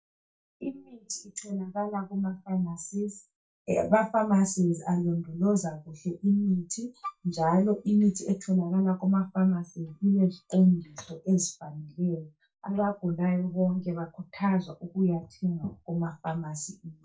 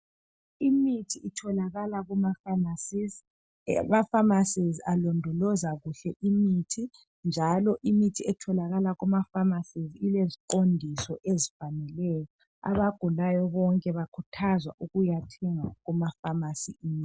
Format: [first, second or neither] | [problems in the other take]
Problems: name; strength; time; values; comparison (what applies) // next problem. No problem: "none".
second | noise reduction (neural mask model DeepFilterNet 3)